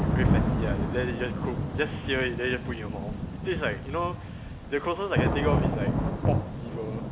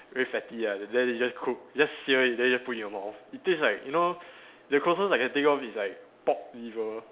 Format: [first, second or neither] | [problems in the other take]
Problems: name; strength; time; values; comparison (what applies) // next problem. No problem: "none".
second | background sound (Thunder / Rain); 4 dB above the speech